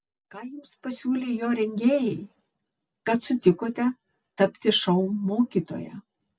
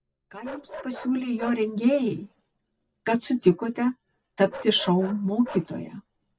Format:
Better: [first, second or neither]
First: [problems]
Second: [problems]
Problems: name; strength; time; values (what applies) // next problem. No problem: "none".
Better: first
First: none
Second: background sound (Bark); 18 dB below the speech